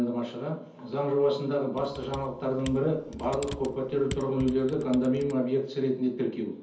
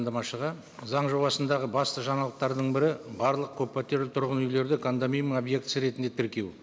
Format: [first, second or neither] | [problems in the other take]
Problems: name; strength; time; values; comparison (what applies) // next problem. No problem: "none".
second | background sound (Computer keyboard); 14 dB below the speech // room echo; dies away in 0.5 s